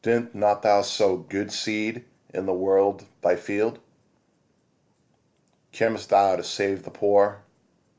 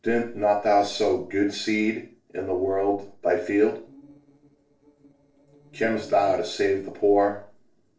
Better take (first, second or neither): first